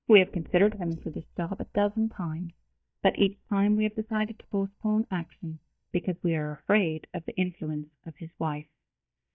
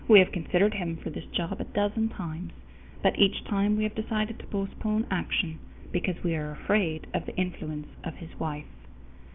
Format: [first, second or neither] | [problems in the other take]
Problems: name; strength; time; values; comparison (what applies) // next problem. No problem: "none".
second | noise reduction (neural mask model DeepFilterNet 3)